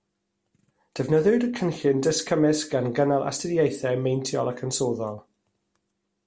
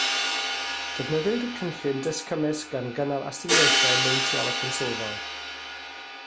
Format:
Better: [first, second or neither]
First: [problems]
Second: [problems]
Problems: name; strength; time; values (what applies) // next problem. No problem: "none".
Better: first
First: none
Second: background sound (Hi-hat); 3 dB above the speech